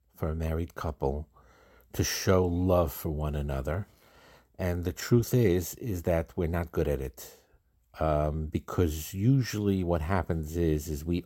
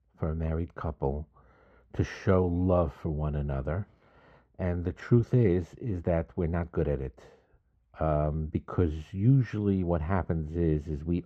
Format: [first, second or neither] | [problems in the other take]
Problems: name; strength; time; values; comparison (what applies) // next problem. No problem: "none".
first | muffled; very; fading above 2 kHz